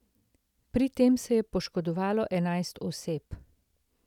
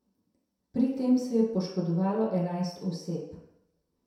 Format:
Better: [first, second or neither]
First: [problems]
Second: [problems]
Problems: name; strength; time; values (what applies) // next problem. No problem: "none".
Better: first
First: none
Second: room echo; dies away in 0.7 s